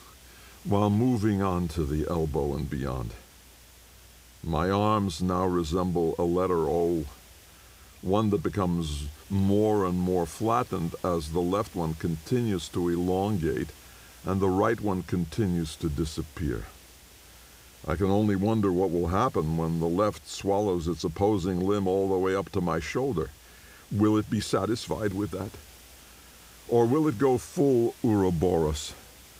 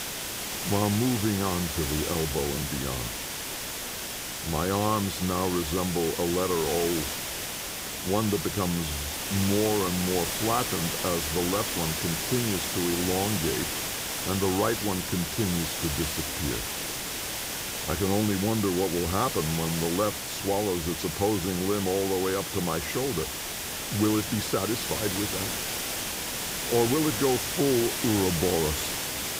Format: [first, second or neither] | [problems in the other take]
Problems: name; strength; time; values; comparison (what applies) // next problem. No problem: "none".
first | hiss; loud; throughout; 2 dB below the speech; faint in the first